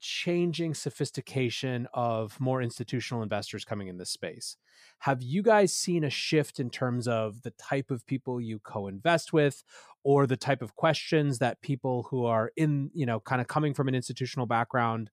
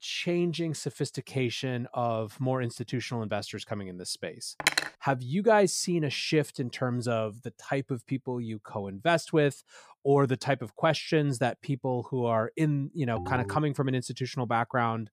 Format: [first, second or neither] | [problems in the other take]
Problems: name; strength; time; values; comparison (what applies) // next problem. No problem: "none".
first | clattering dishes; loud; at 4.5 s; peak 3 dB above the speech // phone ringing; noticeable; at 13 s; peak 7 dB below the speech